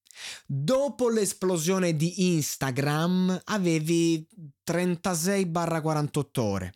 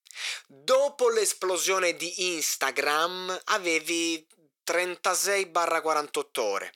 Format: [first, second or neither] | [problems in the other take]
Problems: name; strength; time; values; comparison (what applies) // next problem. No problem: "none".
first | thin; very; fading below 450 Hz